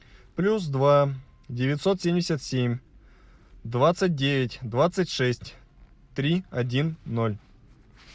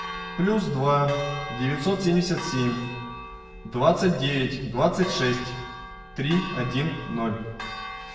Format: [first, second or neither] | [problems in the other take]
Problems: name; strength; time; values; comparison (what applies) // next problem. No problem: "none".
first | background sound (Church bell); 12 dB below the speech // room echo; dies away in 1.1 s